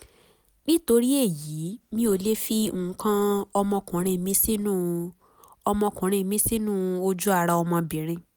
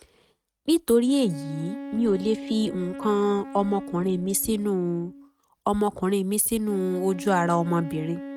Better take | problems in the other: first | noise reduction (neural mask model RNNoise)

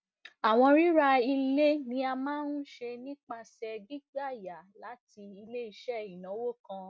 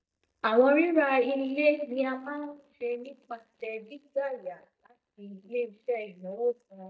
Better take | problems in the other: first | noise reduction (neural mask model DeepFilterNet 3)

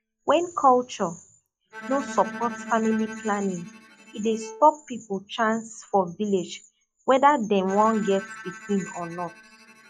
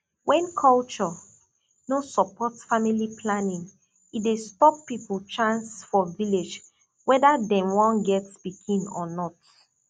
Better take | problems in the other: second | noise reduction (classical method log-MMSE)

